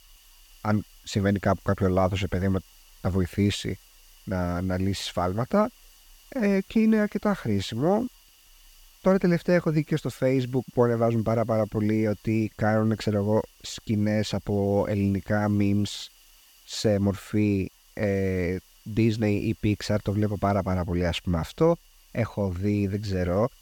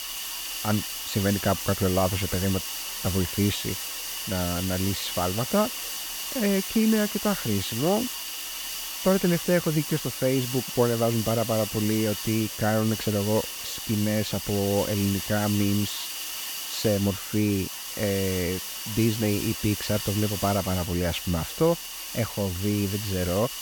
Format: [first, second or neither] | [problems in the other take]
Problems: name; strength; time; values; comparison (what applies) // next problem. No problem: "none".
first | hiss; loud; throughout; 4 dB below the speech; faint in the first